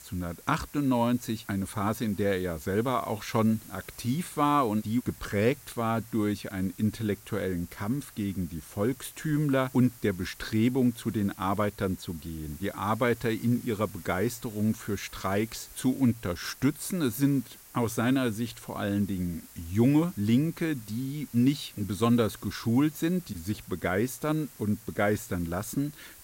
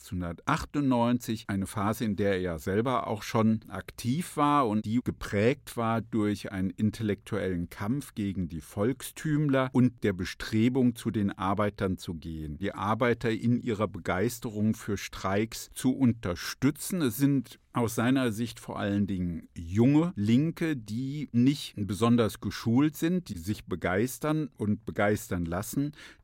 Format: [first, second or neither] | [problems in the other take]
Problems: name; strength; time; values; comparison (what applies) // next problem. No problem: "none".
second | hiss; noticeable; throughout; 20 dB below the speech